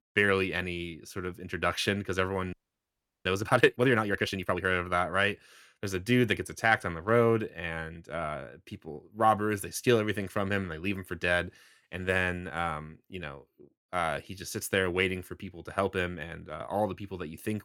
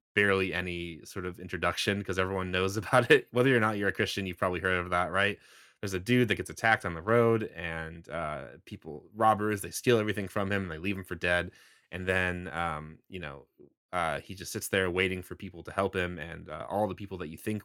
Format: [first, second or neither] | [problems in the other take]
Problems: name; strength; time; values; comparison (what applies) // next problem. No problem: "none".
second | audio freezing; at 2.5 s for 0.5 s